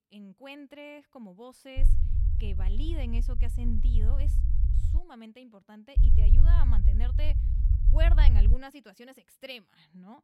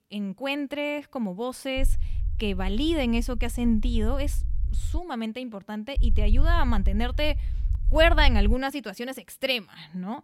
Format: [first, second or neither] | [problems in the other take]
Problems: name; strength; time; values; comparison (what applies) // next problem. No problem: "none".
second | low rumble; loud; from 2 to 5 s and from 6 to 8.5 s; 4 dB below the speech; faint in the second